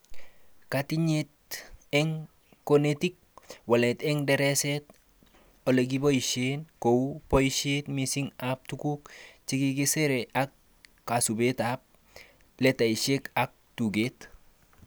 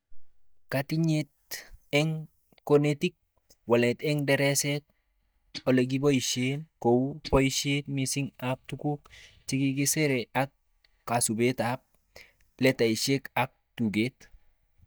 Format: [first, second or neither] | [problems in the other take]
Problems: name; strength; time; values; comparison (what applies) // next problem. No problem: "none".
first | noise reduction (neural mask model DeepFilterNet 3)